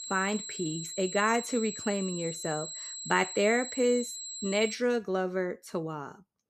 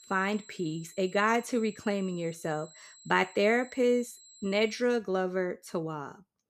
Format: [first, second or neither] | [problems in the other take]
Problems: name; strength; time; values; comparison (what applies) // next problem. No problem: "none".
second | high-pitched whine; loud; until 4.5 s; 7.5 kHz, 8 dB below the speech; faint in the second